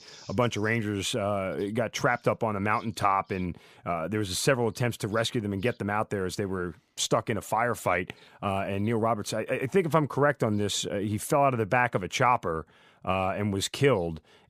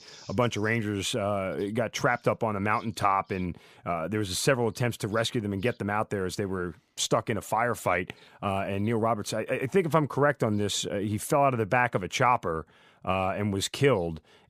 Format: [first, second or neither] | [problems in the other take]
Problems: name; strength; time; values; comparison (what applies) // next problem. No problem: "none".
neither | none